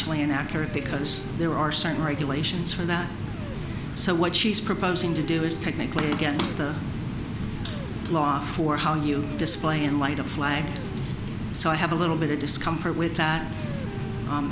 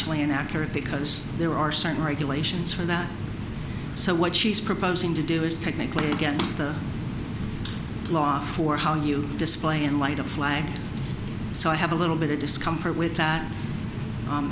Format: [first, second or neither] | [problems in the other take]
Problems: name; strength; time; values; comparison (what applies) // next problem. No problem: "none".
second | background sound (Dog); 19 dB below the speech